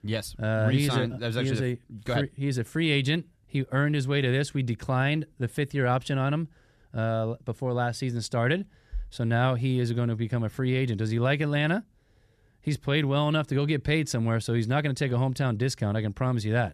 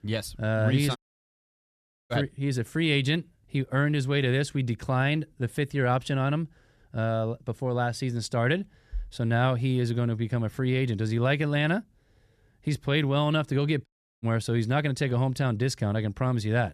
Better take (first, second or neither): first